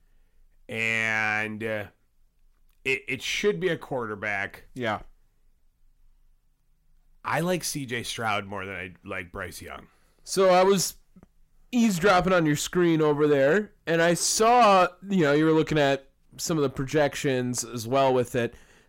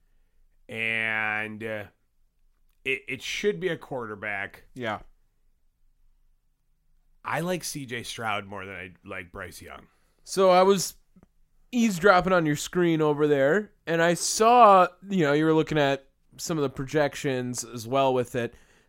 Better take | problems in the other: second | distortion; slight; 10 dB below the speech

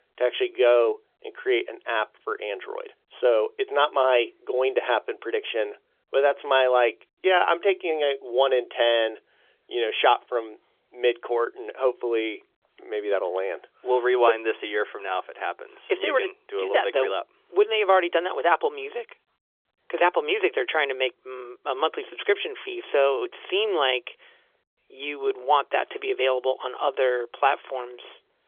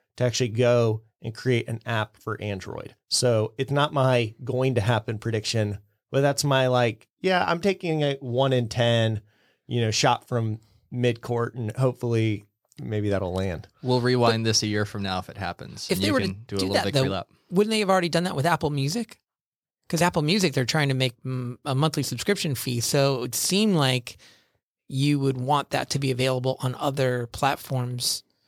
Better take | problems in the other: second | phone-call audio; nothing above 3.5 kHz

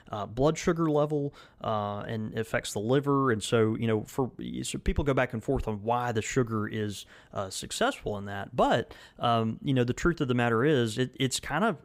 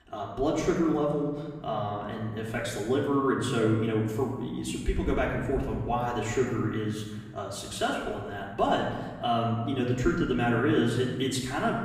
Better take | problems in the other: first | room echo; noticeable; dies away in 1.3 s // off-mic speech; far

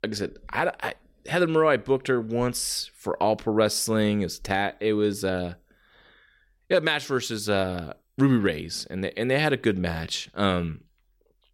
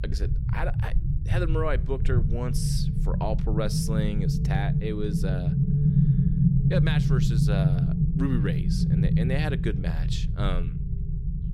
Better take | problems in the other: first | low rumble; loud; throughout; 2 dB below the speech

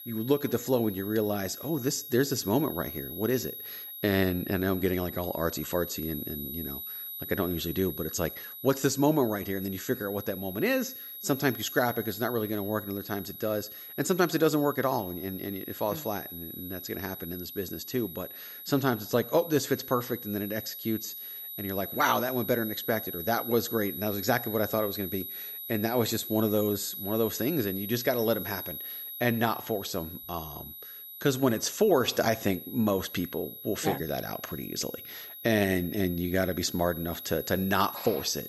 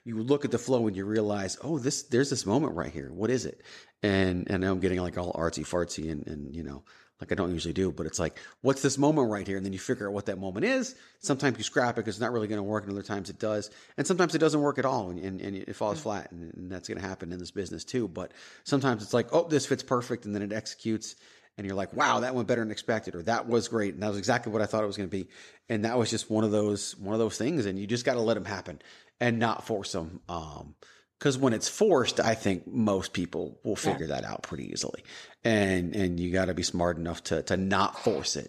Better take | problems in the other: second | high-pitched whine; loud; throughout; 12 kHz, 9 dB below the speech

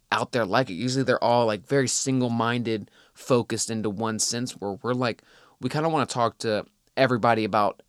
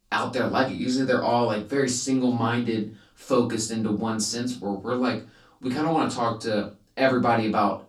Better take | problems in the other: first | off-mic speech; far // room echo; very slight; dies away in 0.3 s

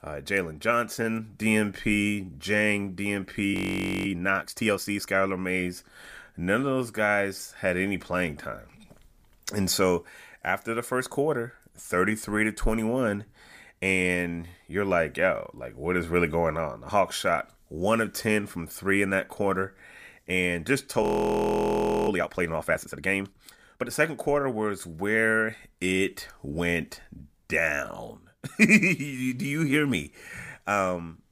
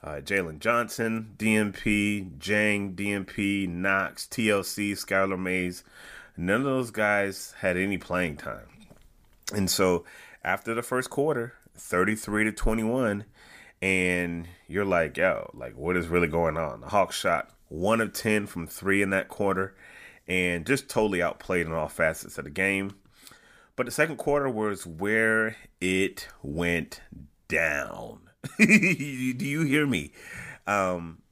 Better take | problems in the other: second | audio freezing; at 3.5 s for 0.5 s and at 21 s for 1 s

